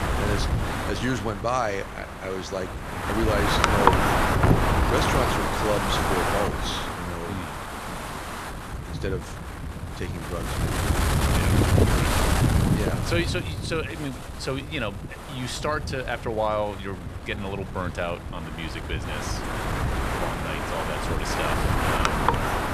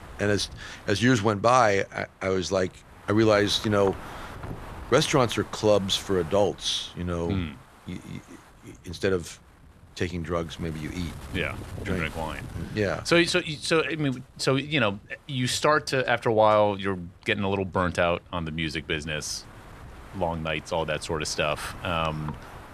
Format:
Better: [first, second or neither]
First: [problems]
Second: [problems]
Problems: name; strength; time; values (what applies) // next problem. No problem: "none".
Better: second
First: wind noise on the microphone; heavy; 5 dB above the speech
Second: wind noise on the microphone; occasional gusts; 20 dB below the speech